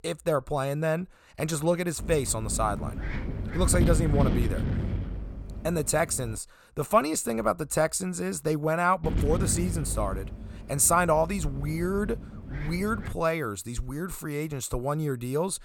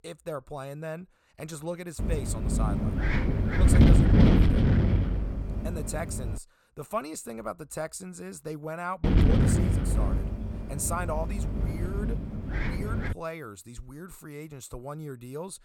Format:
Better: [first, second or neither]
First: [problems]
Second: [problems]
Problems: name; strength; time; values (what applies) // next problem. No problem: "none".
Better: first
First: wind noise on the microphone; occasional gusts; from 2 to 6.5 s and from 9 to 13 s; 15 dB below the speech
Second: wind noise on the microphone; heavy; from 2 to 6.5 s and from 9 to 13 s; 3 dB above the speech